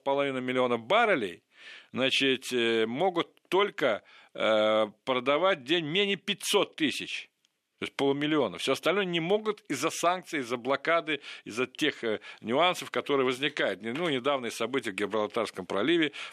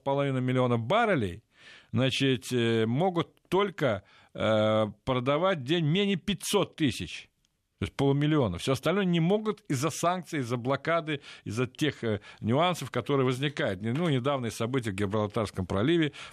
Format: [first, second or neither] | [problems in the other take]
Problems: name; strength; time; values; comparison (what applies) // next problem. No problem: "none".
second | thin; very slightly; fading below 350 Hz